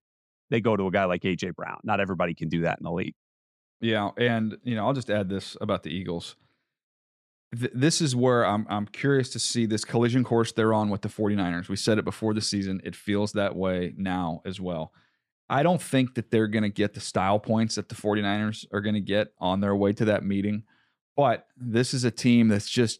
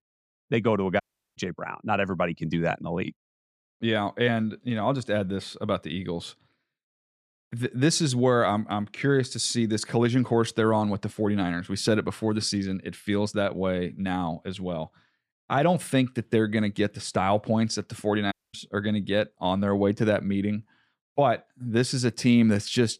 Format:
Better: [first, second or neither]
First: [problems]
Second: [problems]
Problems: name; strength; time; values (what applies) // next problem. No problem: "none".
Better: first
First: none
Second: audio cutting out; at 1 s and at 18 s